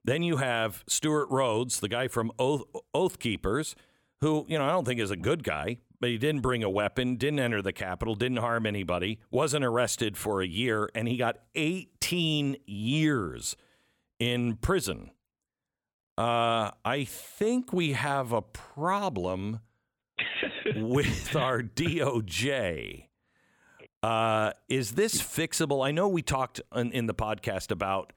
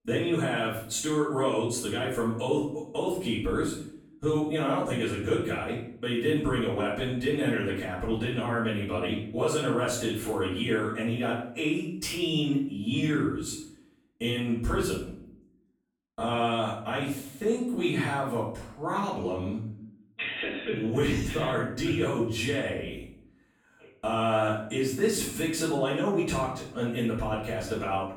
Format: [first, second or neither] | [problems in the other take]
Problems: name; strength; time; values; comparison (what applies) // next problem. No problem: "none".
first | off-mic speech; far // room echo; noticeable; dies away in 0.6 s